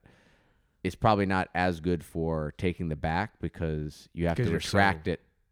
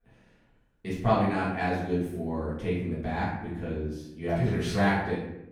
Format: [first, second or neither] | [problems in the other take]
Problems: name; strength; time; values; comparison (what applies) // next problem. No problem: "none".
first | room echo; noticeable; dies away in 0.7 s // off-mic speech; far